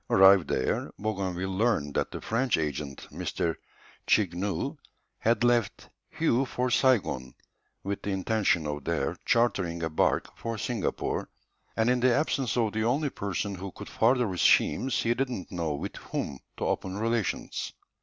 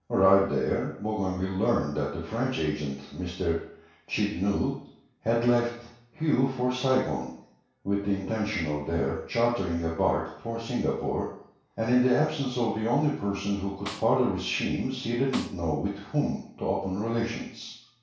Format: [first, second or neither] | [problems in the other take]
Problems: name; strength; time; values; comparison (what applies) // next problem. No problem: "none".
first | background sound (Snare drum); 15 dB below the speech // room echo; dies away in 0.6 s